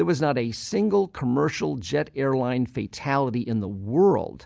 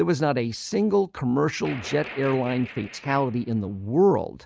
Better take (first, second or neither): first